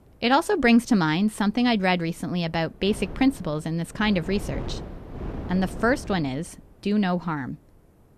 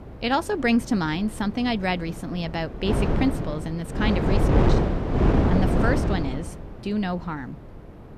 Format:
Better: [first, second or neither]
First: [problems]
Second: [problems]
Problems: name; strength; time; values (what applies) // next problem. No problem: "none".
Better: first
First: wind noise on the microphone; occasional gusts; 15 dB below the speech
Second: wind noise on the microphone; heavy; as loud as the speech